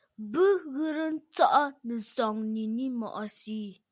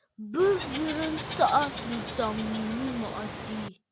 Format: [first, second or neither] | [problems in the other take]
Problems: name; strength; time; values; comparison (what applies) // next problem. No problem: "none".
first | background sound (Water / Bird); 7 dB below the speech